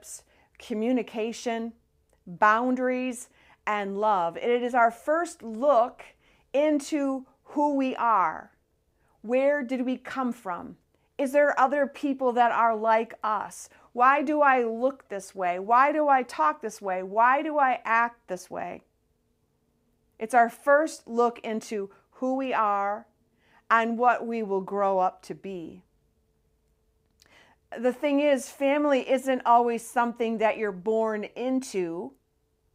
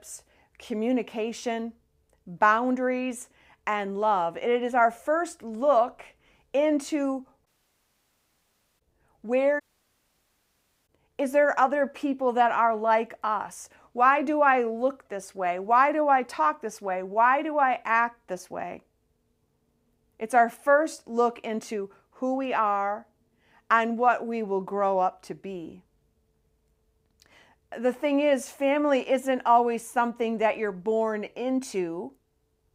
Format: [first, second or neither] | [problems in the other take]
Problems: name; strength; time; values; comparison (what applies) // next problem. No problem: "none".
first | audio cutting out; at 7.5 s for 1.5 s and at 9.5 s for 1.5 s